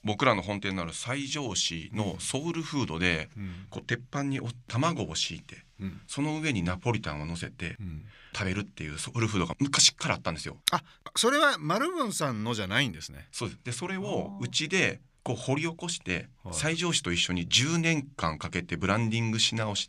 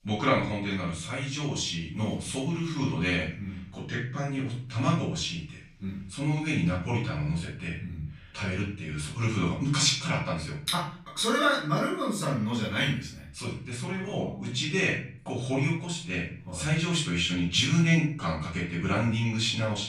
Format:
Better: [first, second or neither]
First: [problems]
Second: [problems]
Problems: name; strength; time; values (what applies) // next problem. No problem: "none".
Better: first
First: none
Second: off-mic speech; far // room echo; noticeable; dies away in 0.5 s